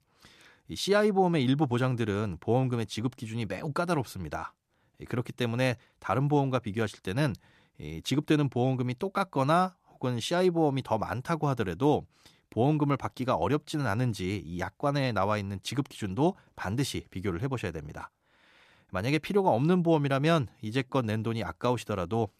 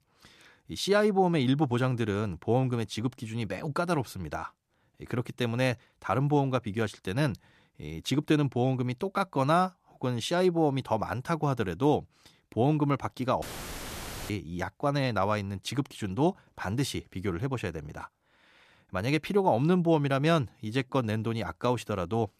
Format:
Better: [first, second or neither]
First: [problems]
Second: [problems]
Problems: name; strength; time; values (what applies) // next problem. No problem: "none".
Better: first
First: none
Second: audio cutting out; filled with static; at 13 s for 1 s